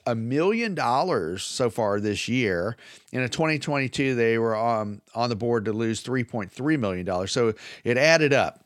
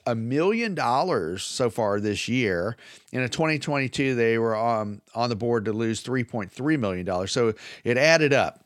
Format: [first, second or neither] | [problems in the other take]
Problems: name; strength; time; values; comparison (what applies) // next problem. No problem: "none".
neither | none